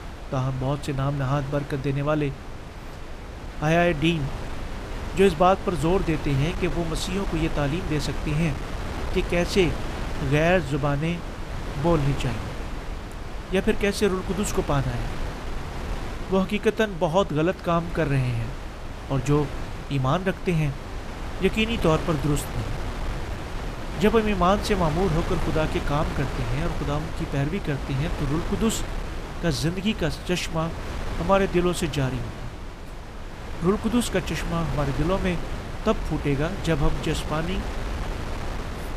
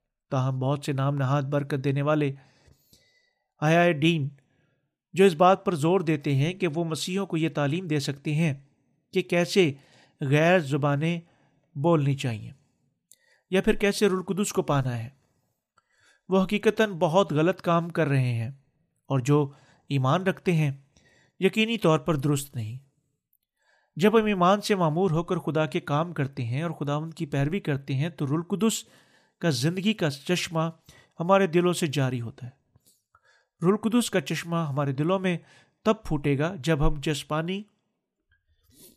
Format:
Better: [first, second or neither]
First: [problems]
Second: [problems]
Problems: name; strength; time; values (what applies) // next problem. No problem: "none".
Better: second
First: wind noise on the microphone; heavy; 9 dB below the speech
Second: none